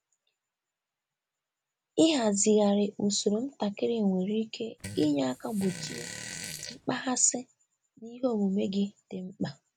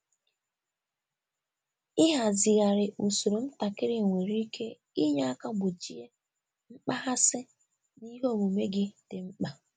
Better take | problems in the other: second | background sound (Fart); 11 dB below the speech

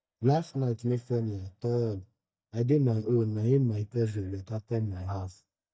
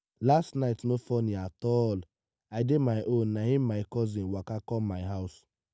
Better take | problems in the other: second | noise reduction (neural mask model DeepFilterNet 3)

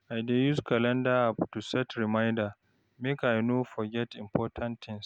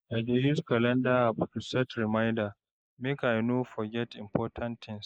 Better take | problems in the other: first | noise reduction (neural mask model Resemble Enhance denoiser)

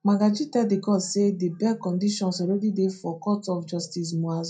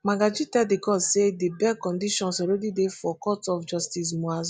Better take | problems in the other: second | room echo; dies away in 0.2 s

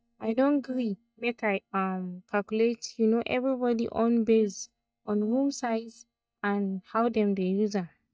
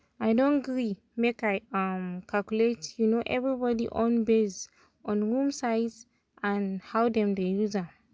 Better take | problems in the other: second | noise reduction (neural mask model DeepFilterNet 3)

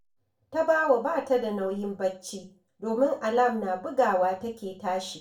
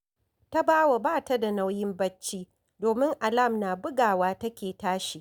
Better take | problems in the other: second | room echo; dies away in 0.3 s

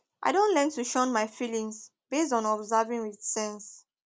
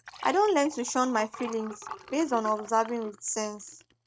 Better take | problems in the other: first | noise reduction (neural mask model RNNoise)

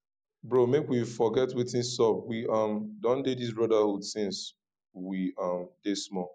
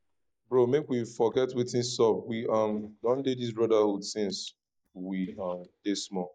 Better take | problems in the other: first | noise reduction (neural mask model DeepFilterNet 3)

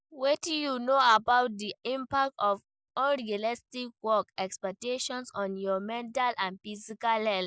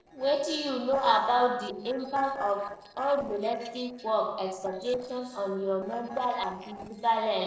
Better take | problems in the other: first | noise reduction (neural separator model SepFormer DNS4)

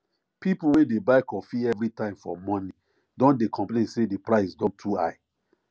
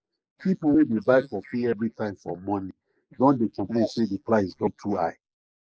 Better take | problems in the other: first | noise reduction (neural mask model Resemble Enhance denoiser)

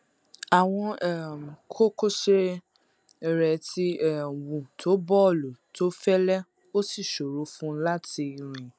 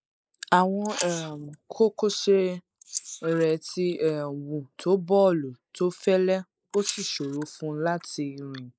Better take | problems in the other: first | noise reduction (neural mask model Resemble Enhance denoiser)

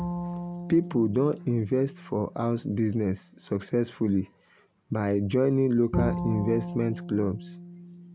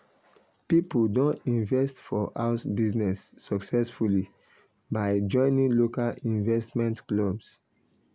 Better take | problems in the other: second | background sound (Bowed string instrument); 9 dB below the speech

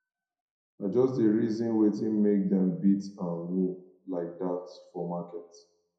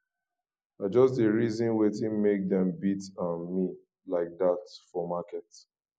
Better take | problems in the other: second | room echo; dies away in 0.5 s

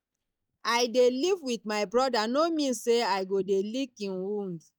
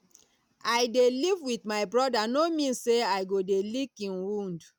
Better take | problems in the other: second | noise reduction (neural mask model DeepFilterNet 3)

